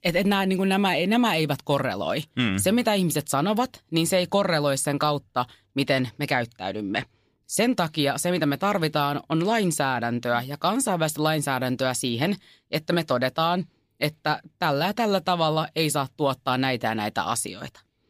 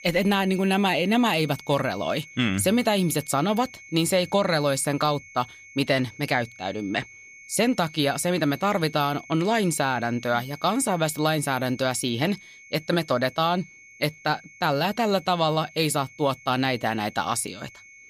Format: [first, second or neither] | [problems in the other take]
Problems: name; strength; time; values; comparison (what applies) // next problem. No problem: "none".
first | high-pitched whine; faint; throughout; 2 kHz, 20 dB below the speech